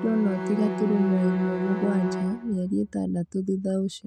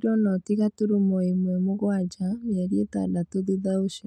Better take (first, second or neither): second